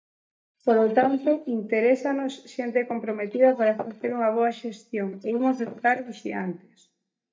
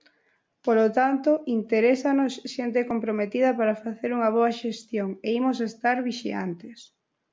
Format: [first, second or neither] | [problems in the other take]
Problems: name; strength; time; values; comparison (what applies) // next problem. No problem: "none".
second | noise reduction (neural mask model DeepFilterNet 3)